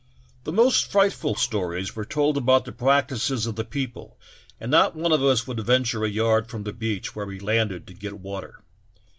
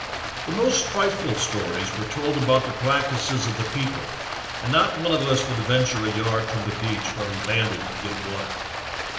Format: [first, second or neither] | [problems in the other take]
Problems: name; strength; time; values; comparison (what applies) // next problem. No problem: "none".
first | background sound (Stream); 6 dB below the speech // room echo; dies away in 0.8 s